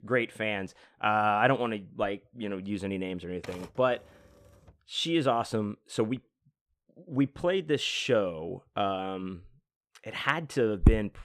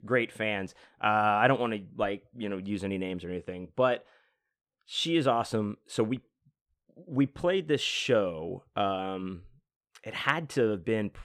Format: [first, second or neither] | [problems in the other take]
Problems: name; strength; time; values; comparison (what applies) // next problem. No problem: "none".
second | keyboard typing; faint; from 3 to 4.5 s; peak 15 dB below the speech // footsteps; loud; at 11 s; peak 4 dB above the speech